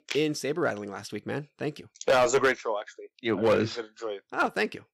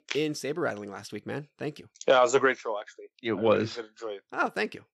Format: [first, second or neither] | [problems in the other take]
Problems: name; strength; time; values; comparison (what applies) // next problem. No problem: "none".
second | distortion; slight; 3% of the sound clipped